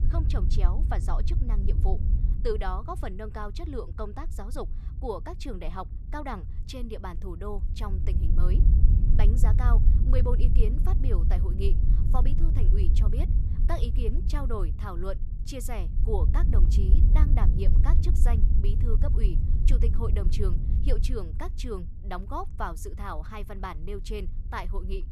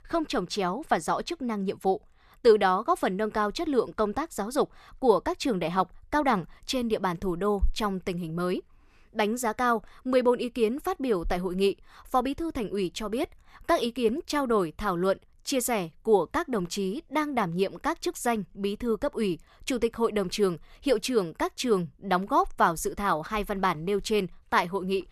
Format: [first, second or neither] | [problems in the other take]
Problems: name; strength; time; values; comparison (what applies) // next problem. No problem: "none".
second | wind noise on the microphone; heavy; 6 dB below the speech